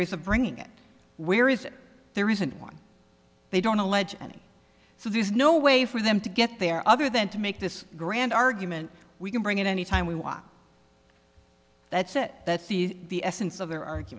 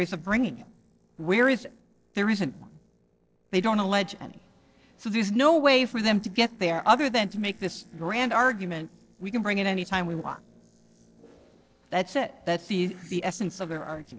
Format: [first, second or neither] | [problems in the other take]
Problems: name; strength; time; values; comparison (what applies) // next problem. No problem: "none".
first | noise reduction (neural separator model SepFormer DNS4)